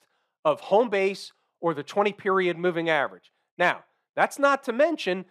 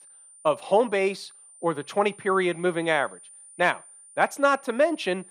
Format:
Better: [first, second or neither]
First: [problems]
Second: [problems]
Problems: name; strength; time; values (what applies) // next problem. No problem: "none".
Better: first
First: none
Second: high-pitched whine; faint; throughout; 9 kHz, 20 dB below the speech